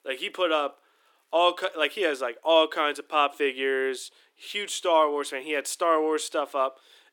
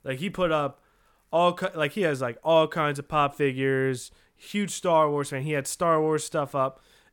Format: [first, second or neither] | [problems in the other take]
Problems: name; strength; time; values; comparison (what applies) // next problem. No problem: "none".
second | thin; somewhat; fading below 300 Hz